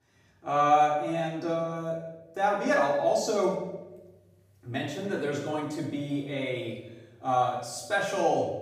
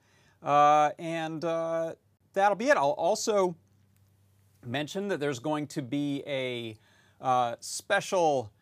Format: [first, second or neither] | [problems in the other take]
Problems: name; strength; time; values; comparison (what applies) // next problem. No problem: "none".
second | off-mic speech; far // room echo; noticeable; dies away in 0.8 s